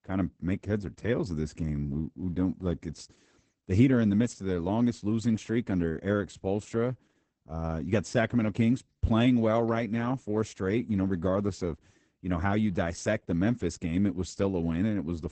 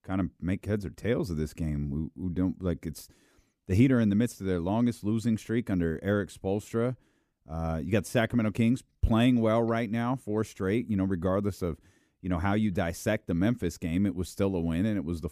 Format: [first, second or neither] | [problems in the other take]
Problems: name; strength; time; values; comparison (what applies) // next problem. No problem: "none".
second | garbled, watery; badly; nothing above 8 kHz